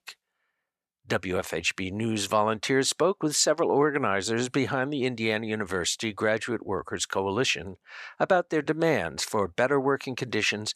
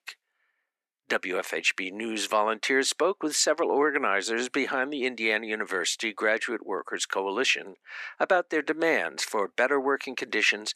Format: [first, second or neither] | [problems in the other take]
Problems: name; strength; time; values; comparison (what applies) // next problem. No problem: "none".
first | thin; very slightly; fading below 250 Hz